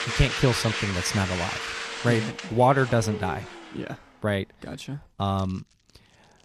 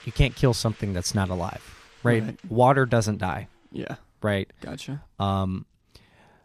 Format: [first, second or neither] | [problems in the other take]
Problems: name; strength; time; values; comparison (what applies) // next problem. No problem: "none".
second | household noises; loud; throughout; 5 dB below the speech; faint in the second